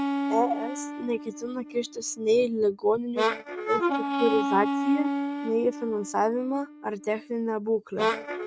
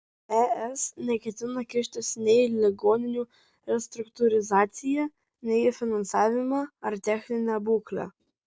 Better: second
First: noise reduction (neural mask model RNNoise)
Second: none

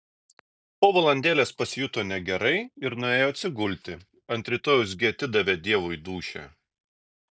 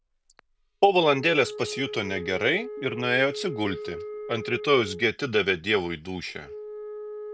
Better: first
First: none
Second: background sound (Wind instrument, woodwind instrument); 11 dB below the speech

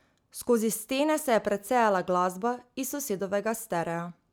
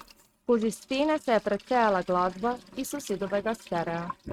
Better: first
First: none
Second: noise reduction (neural mask model RNNoise)

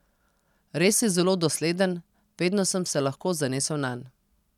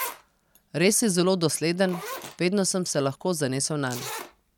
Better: first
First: none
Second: background sound (Zipper (clothing)); 15 dB below the speech

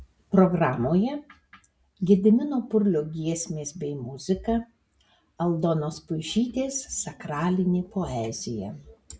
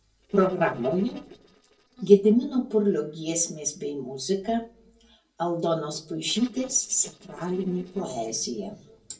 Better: first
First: none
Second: noise reduction (neural separator model SepFormer DNS4)

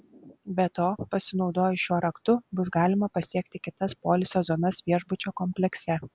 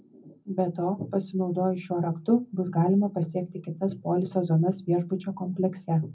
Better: first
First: none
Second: room echo; dies away in 0.4 s

